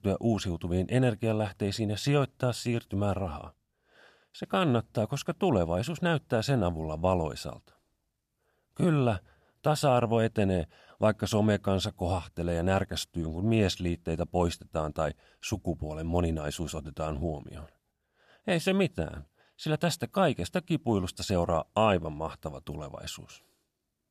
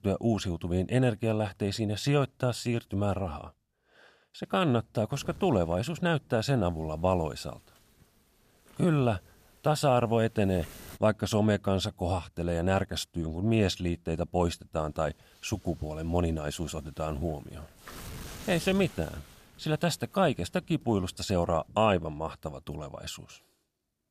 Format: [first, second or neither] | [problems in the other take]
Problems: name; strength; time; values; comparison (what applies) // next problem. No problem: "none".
first | wind noise on the microphone; occasional gusts; from 5 to 11 s and from 15 to 22 s; 20 dB below the speech